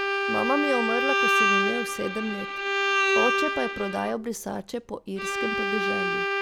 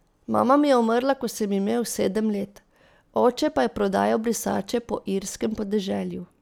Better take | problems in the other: second | background sound (Bowed string instrument); 4 dB above the speech

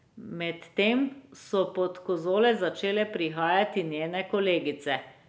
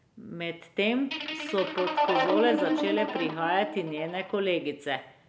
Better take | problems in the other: first | background sound (Guitar); as loud as the speech

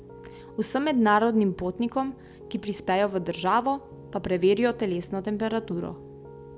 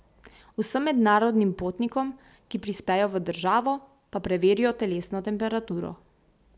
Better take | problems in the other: second | background sound (Piano); 18 dB below the speech

